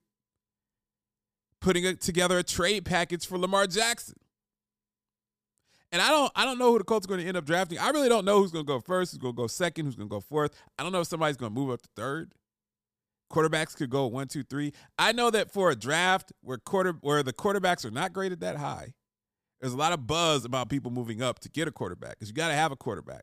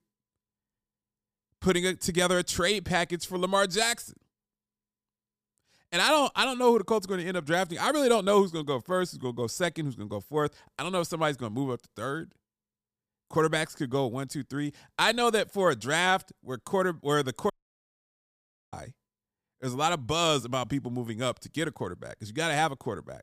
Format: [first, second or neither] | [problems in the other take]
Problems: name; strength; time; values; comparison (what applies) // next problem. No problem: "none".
first | audio cutting out; at 18 s for 1 s